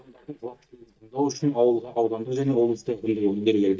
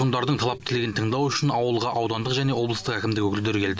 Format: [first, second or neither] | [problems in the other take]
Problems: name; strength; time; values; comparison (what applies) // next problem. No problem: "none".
second | noise reduction (neural mask model DeepFilterNet 3)